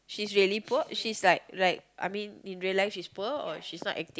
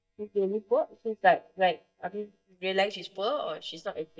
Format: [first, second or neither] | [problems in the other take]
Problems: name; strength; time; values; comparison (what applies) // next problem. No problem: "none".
first | noise reduction (neural mask model DeepFilterNet 3)